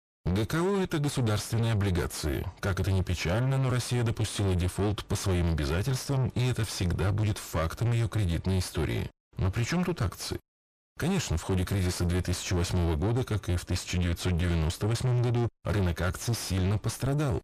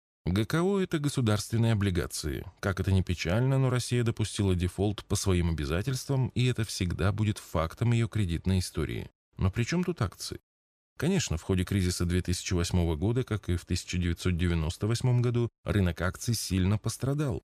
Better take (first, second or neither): second